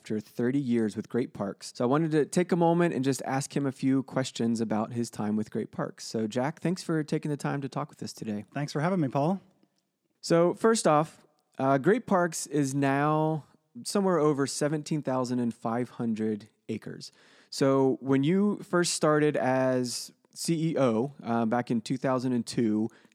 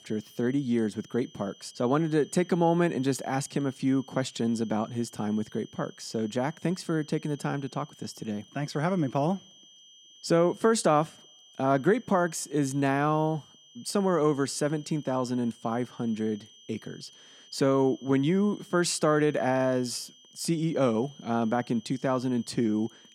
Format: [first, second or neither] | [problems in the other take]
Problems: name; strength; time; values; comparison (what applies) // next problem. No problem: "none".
first | high-pitched whine; faint; throughout; 3 kHz, 25 dB below the speech